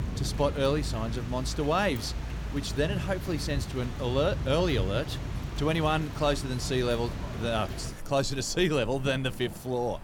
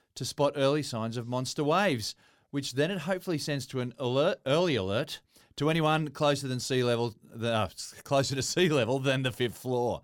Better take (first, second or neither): second